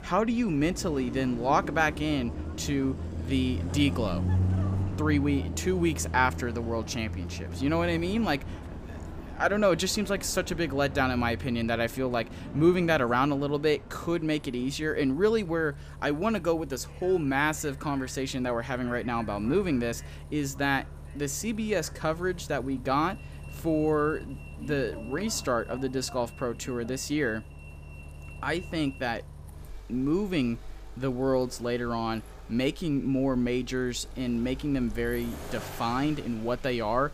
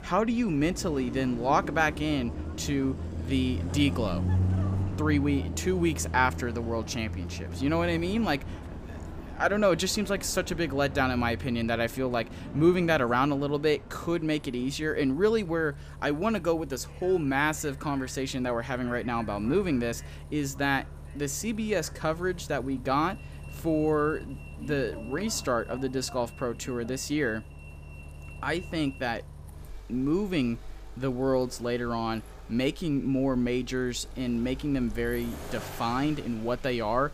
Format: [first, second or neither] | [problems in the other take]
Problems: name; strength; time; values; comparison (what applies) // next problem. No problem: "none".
neither | traffic noise; noticeable; throughout; 10 dB below the speech; the same in both